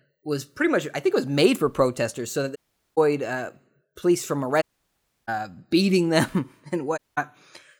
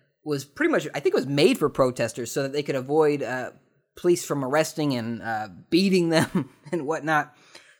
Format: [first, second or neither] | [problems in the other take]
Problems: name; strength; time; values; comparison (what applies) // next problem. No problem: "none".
second | audio cutting out; at 2.5 s, at 4.5 s for 0.5 s and at 7 s